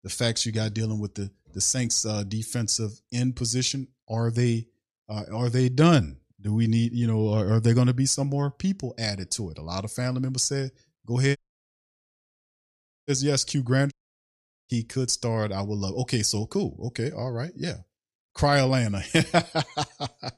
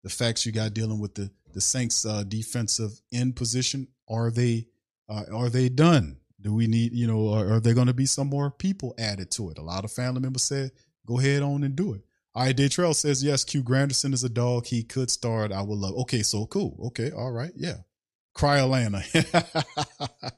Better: second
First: audio cutting out; at 11 s for 1.5 s and at 14 s for 1 s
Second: none

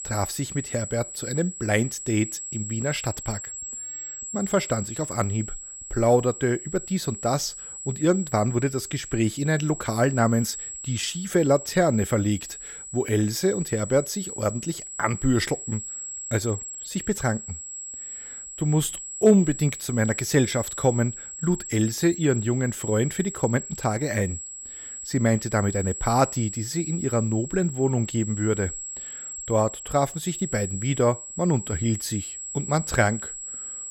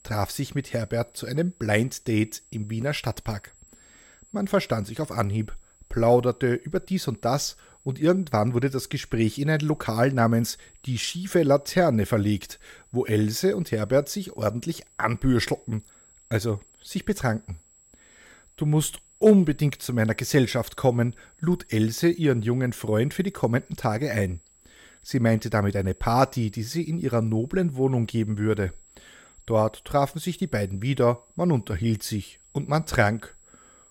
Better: second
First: high-pitched whine; loud; throughout; 7.5 kHz, 8 dB below the speech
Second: high-pitched whine; faint; throughout; 7.5 kHz, 30 dB below the speech

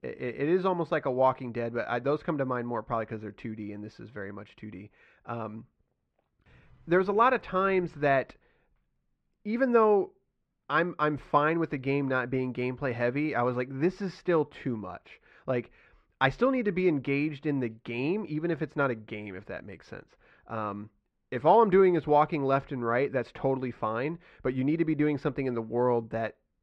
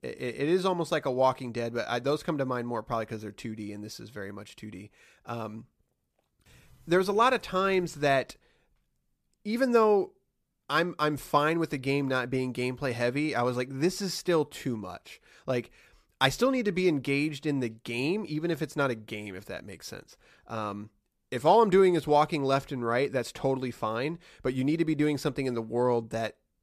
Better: second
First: muffled; very; fading above 2 kHz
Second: none

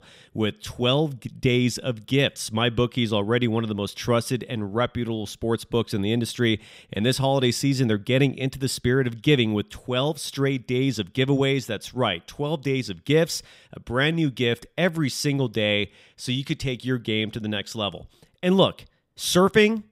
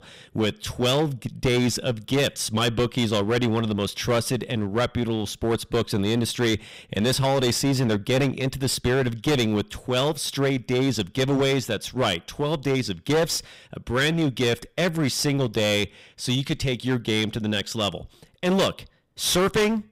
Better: first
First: none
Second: distortion; heavy; 14% of the sound clipped

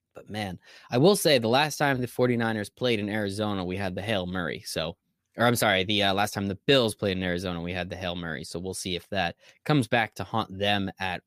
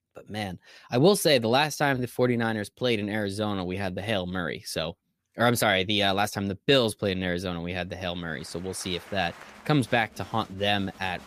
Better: first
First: none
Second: crowd noise; faint; from 8.5 s on; 20 dB below the speech

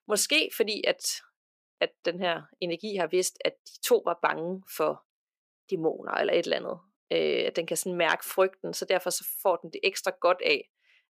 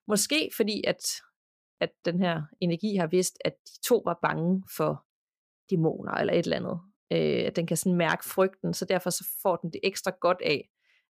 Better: second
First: thin; somewhat; fading below 400 Hz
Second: none

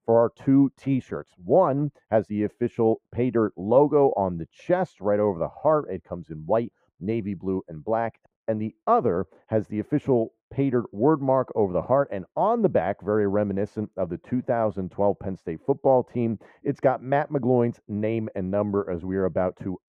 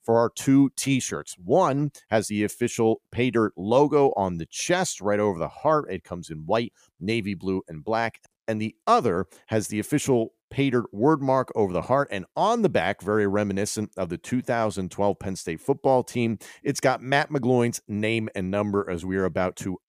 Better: second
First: muffled; very; fading above 3 kHz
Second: none

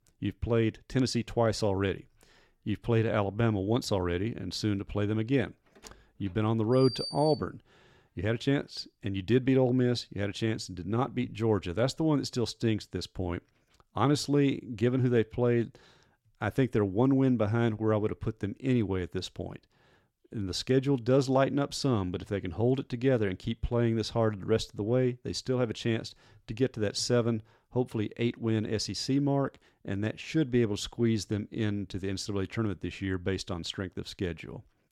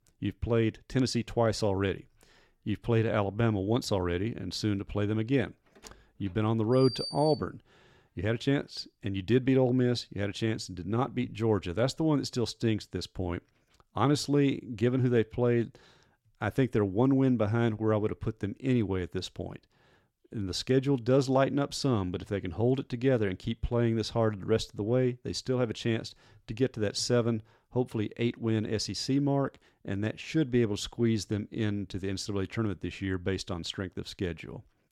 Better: neither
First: door banging; noticeable; from 6 to 7.5 s; peak 6 dB below the speech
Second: door banging; noticeable; from 6 to 7.5 s; peak 6 dB below the speech

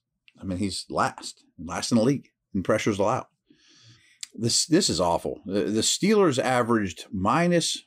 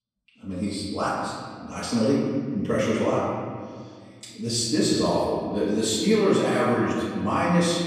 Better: first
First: none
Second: off-mic speech; far // room echo; noticeable; dies away in 1.8 s

